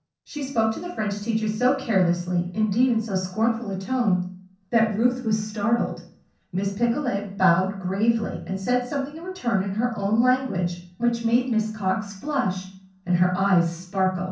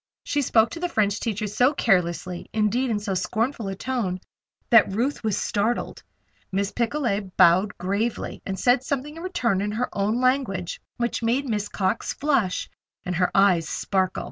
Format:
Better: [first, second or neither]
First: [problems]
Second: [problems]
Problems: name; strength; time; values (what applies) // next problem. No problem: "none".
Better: second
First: room echo; dies away in 0.6 s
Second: none